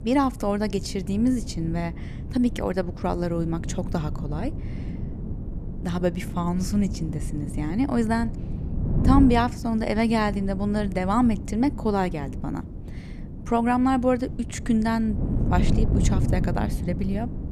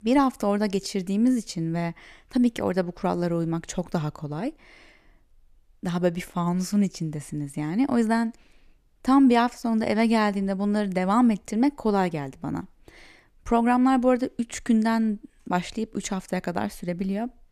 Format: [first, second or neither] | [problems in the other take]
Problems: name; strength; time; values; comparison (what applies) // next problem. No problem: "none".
second | wind noise on the microphone; occasional gusts; 10 dB below the speech